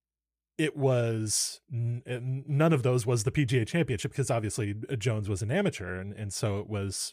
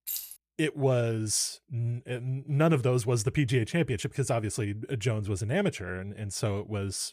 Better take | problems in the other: first | jangling keys; noticeable; at the start; peak 5 dB below the speech

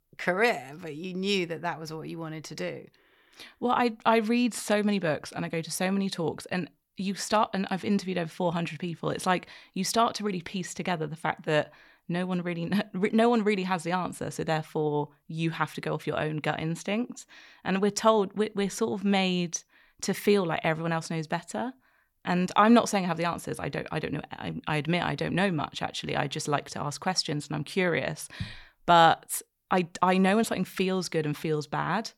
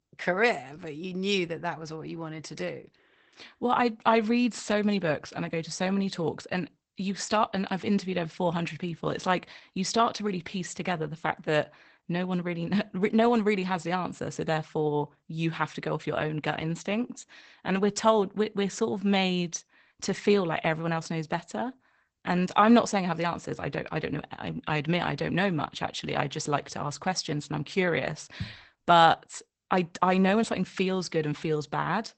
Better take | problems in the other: first | garbled, watery; badly; nothing above 8 kHz

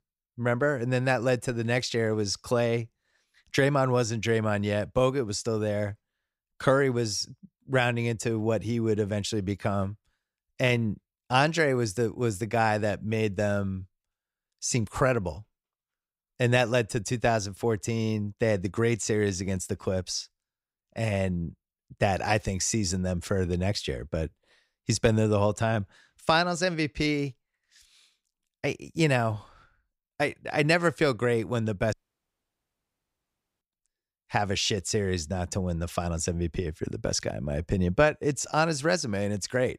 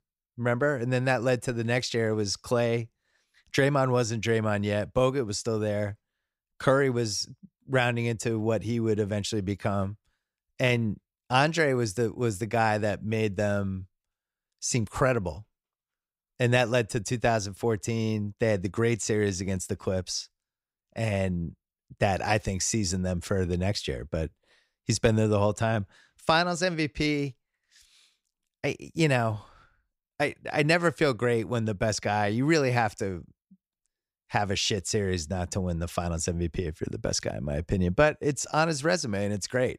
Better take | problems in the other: second | audio cutting out; at 32 s for 1.5 s

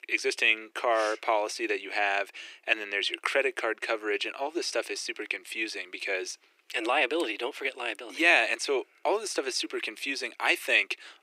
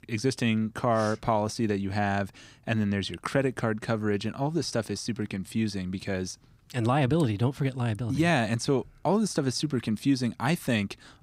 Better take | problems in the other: second | thin; very; fading below 350 Hz

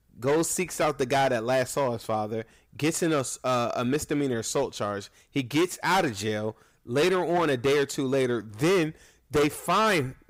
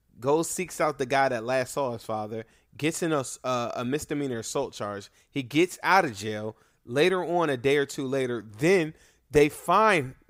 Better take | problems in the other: second | distortion; heavy; 10% of the sound clipped

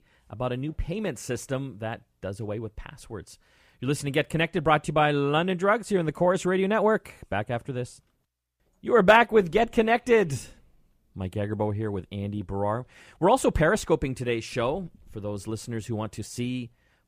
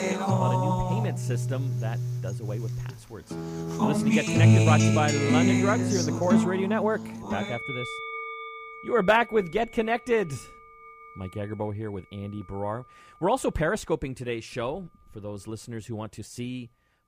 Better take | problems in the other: first | background music; very loud; throughout; 4 dB above the speech

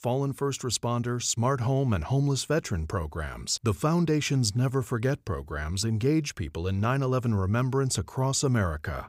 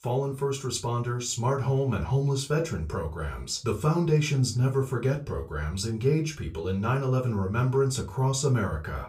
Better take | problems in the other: first | off-mic speech; somewhat distant // room echo; very slight; dies away in 0.2 s

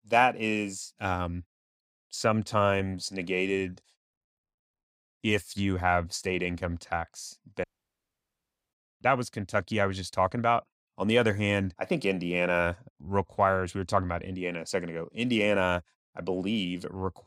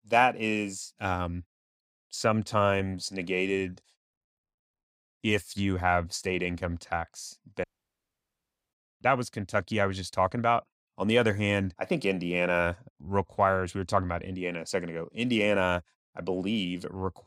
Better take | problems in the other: neither | audio cutting out; at 7.5 s for 1 s; the same in both

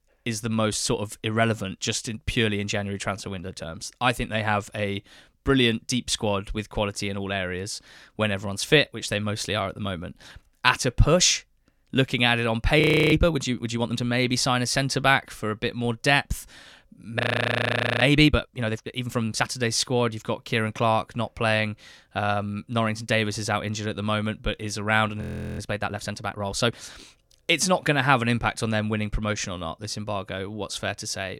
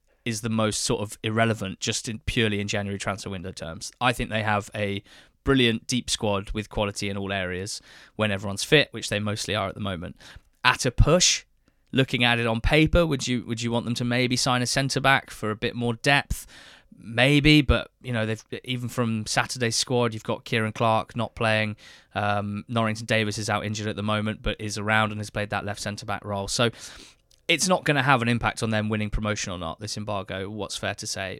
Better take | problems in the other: second | audio freezing; at 13 s, at 17 s for 1 s and at 25 s

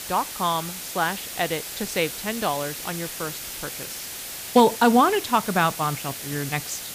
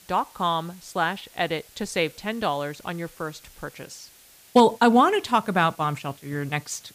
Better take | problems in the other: second | hiss; loud; throughout; 8 dB below the speech; faint in the second

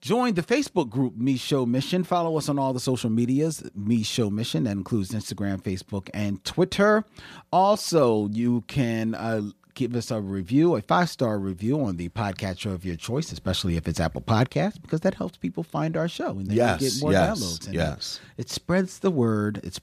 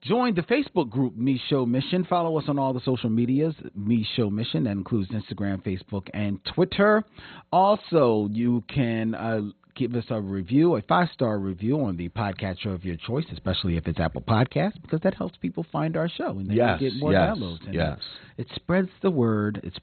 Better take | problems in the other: first | garbled, watery; badly; nothing above 4 kHz

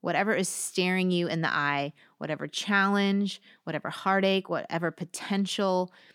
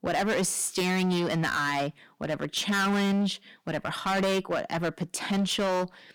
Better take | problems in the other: first | distortion; heavy; 18% of the sound clipped

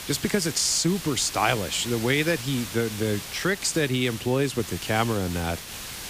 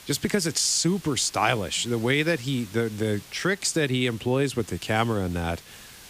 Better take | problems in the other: second | hiss; loud; throughout; 10 dB below the speech; faint in the second

